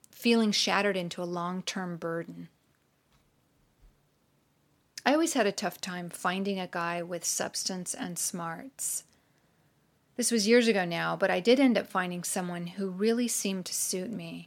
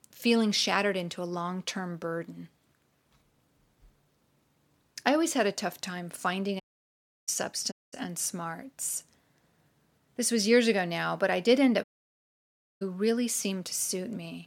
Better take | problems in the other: first | audio cutting out; at 6.5 s for 0.5 s, at 7.5 s and at 12 s for 1 s

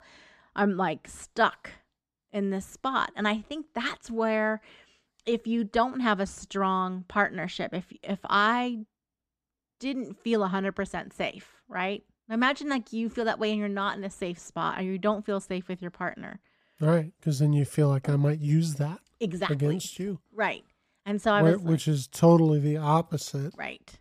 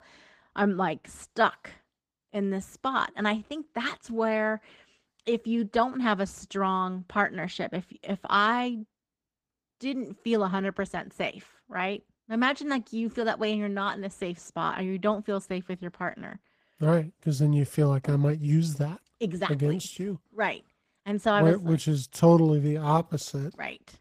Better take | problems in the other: first | garbled, watery; slightly; nothing above 15 kHz

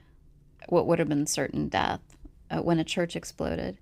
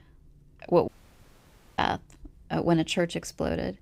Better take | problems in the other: first | audio cutting out; at 1 s for 1 s

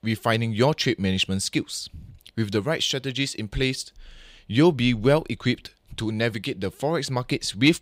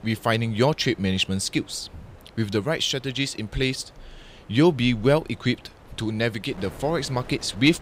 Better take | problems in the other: first | wind noise on the microphone; occasional gusts; 25 dB below the speech

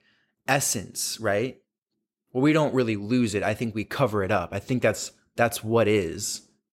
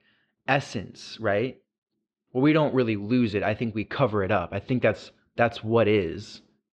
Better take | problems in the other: first | muffled; slightly; fading above 3.5 kHz

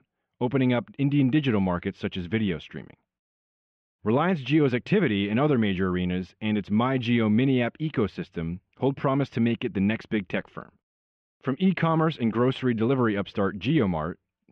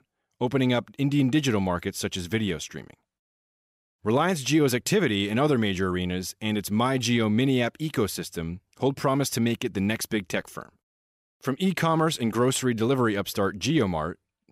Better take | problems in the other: second | muffled; very; fading above 3 kHz

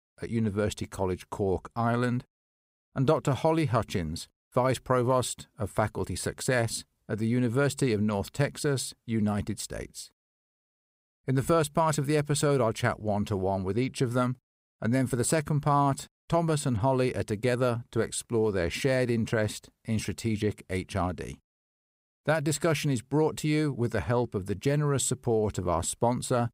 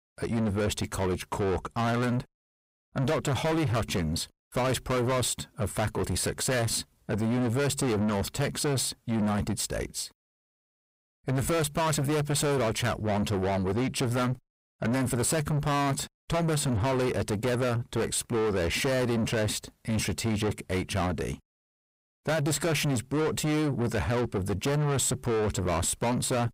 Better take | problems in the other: first | distortion; heavy; 6 dB below the speech

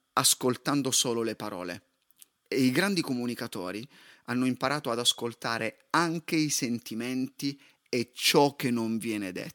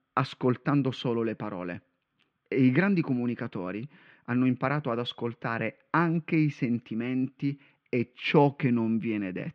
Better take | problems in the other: first | muffled; very; fading above 2.5 kHz

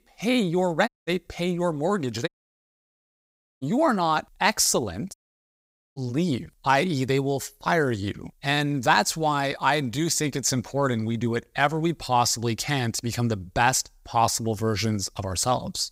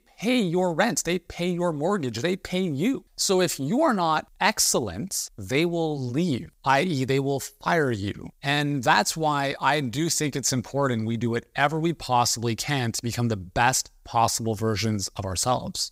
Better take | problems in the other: second | audio cutting out; at 1 s, at 2.5 s for 1.5 s and at 5 s for 1 s

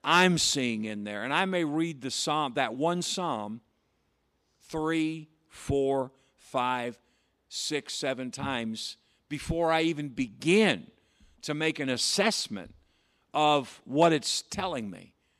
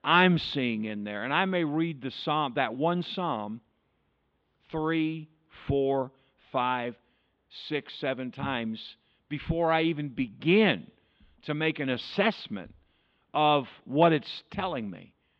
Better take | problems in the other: first | muffled; very; fading above 3.5 kHz

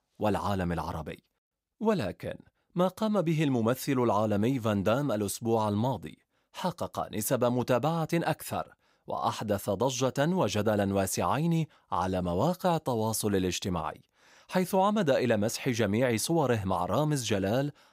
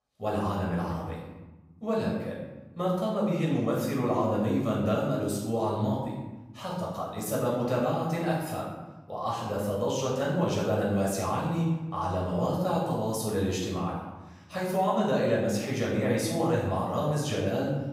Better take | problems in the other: first | off-mic speech; far // room echo; noticeable; dies away in 1 s

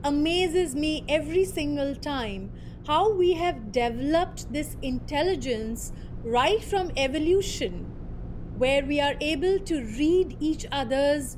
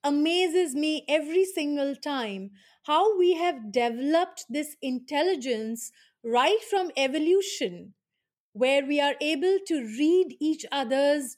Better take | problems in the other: second | low rumble; faint; throughout; 25 dB below the speech

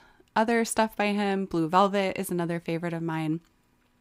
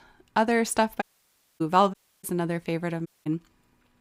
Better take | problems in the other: first | audio cutting out; at 1 s for 0.5 s, at 2 s and at 3 s

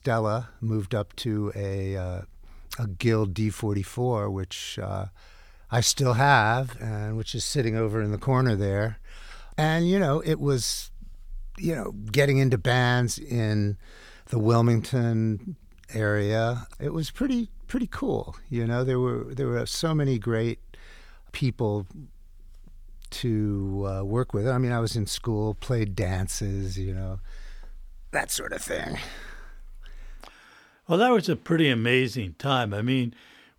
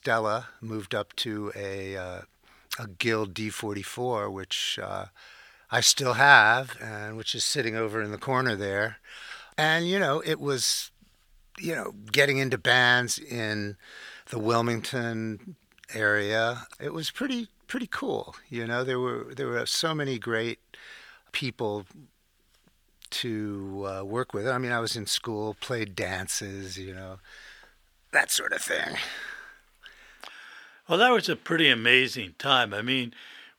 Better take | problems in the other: first | thin; somewhat; fading below 1 kHz

